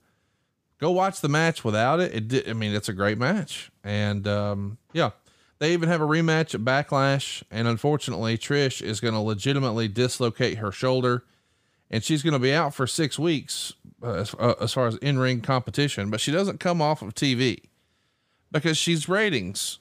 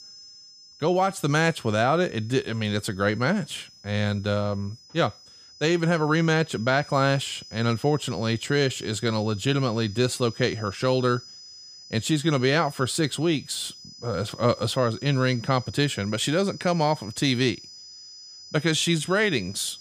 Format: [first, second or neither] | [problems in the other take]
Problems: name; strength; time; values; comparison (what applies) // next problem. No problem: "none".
first | high-pitched whine; noticeable; throughout; 5 kHz, 20 dB below the speech